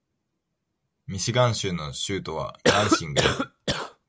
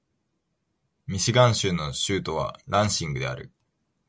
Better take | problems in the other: second | background sound (Cough); 5 dB above the speech

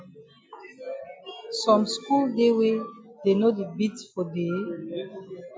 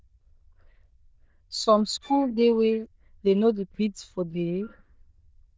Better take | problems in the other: first | noise reduction (neural diffusion model UNIVERSE++)

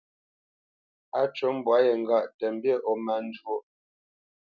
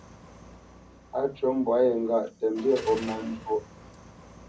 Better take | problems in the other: first | background sound (Car); 18 dB below the speech // room echo; dies away in 0.4 s

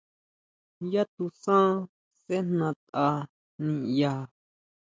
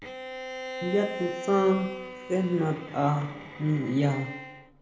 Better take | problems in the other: first | background sound (Bowed string instrument); 10 dB below the speech // room echo; dies away in 0.8 s

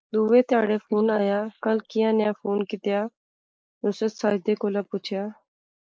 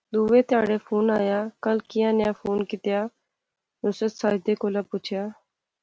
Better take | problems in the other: second | noise reduction (neural mask model Resemble Enhance denoiser)

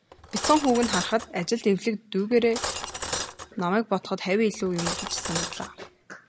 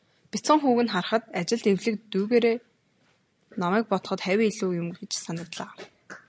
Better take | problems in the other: second | background sound (Cutlery, silverware); 7 dB below the speech

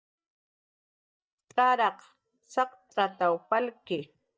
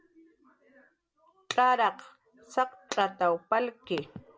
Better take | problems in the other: second | noise reduction (neural mask model DeepFilterNet 3)

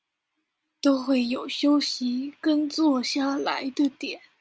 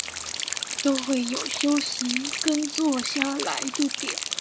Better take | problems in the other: first | background sound (Rain); 3 dB below the speech

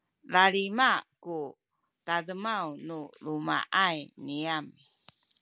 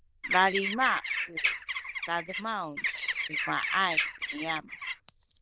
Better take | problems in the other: first | noise reduction (neural diffusion model UNIVERSE++)

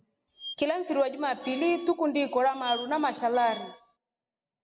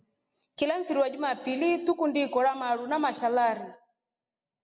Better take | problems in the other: second | background sound (Squeak); 16 dB below the speech

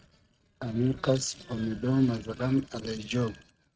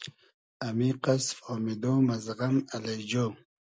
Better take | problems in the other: second | noise reduction (neural mask model RNNoise)

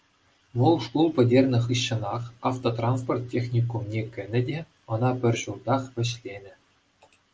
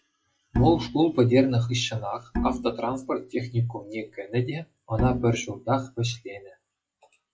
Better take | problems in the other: first | noise reduction (classical method log-MMSE)

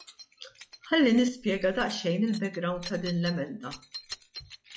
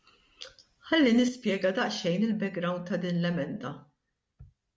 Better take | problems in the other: second | noise reduction (classical method log-MMSE)

